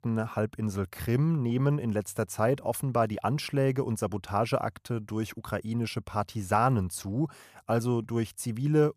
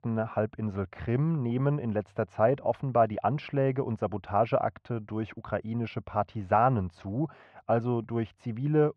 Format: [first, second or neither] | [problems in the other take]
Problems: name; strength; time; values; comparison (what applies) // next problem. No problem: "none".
first | muffled; very; fading above 3 kHz